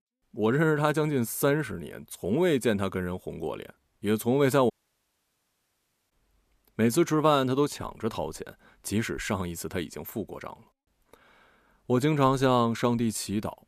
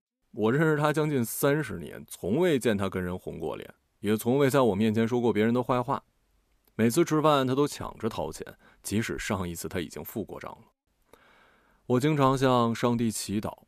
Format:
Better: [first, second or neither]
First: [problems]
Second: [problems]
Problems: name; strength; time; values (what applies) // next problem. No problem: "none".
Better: second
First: audio cutting out; at 4.5 s for 1.5 s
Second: none